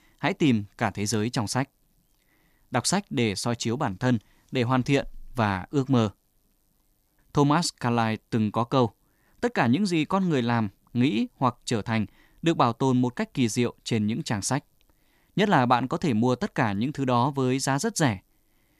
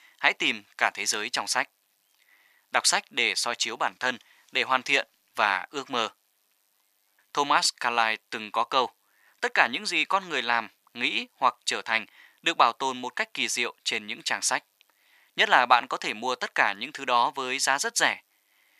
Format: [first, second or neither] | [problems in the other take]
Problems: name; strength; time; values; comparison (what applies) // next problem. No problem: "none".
first | thin; very; fading below 700 Hz